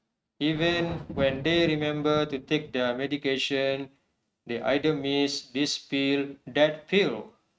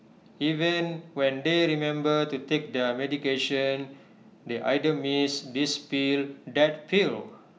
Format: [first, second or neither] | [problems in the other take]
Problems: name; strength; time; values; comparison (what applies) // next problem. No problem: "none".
second | noise reduction (neural mask model RNNoise)